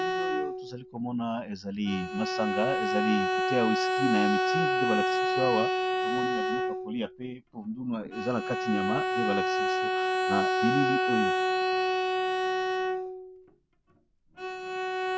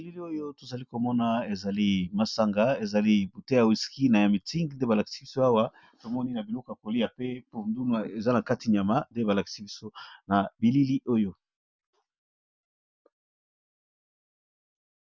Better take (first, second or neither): second